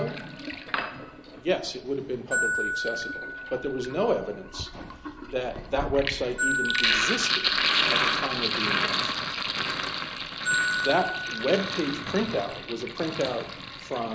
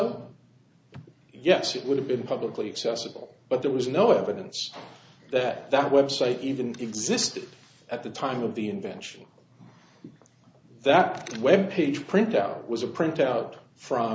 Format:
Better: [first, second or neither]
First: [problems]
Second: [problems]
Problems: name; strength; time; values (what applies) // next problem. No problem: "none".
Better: second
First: background sound (Sink (filling or washing) + Glockenspiel); 2 dB above the speech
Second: none